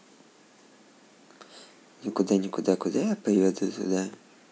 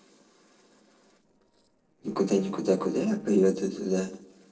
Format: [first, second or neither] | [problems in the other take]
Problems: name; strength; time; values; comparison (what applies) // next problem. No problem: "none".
first | noise reduction (neural separator model SepFormer DNS4)